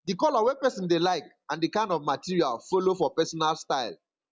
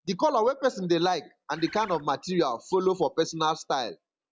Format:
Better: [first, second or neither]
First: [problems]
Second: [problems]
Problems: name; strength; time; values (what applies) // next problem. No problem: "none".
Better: first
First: none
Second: background sound (Bird); 18 dB below the speech